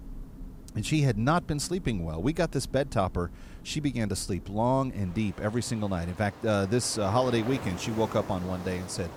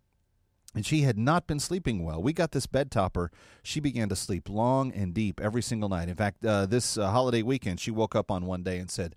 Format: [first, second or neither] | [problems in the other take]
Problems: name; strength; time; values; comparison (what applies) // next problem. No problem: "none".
second | rain or running water; noticeable; throughout; 15 dB below the speech